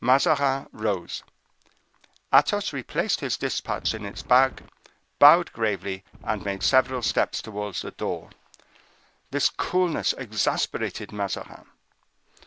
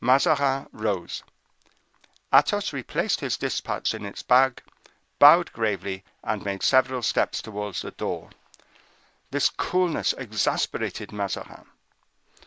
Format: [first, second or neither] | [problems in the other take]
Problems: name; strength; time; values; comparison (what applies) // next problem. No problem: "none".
second | background sound (Wind); 18 dB below the speech